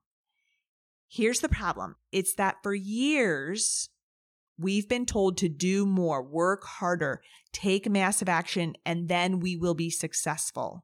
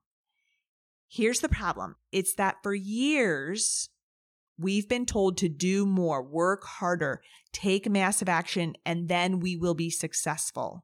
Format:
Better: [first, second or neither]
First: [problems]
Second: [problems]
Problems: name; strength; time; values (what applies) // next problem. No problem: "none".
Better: neither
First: none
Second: none